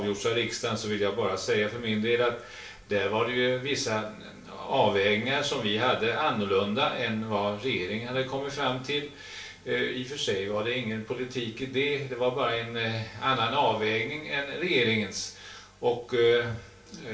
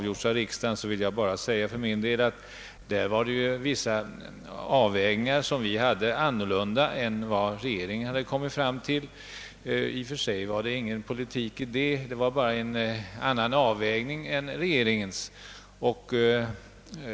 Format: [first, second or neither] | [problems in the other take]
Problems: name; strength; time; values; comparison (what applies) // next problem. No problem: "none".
second | room echo; dies away in 0.3 s